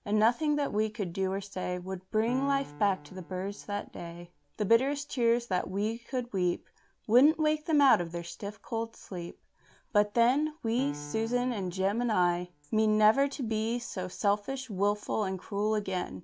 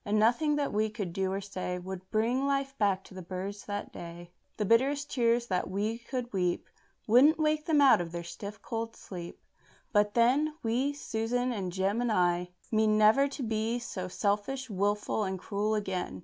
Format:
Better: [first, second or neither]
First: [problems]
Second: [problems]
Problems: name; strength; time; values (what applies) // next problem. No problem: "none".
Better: second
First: background sound (Piano); 20 dB below the speech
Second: none